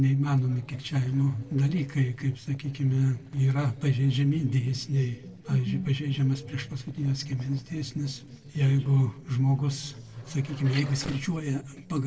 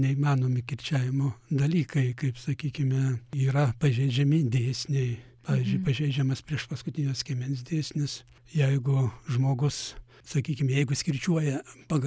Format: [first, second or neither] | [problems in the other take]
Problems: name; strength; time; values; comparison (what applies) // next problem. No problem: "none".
second | noise reduction (neural separator model SepFormer DNS4)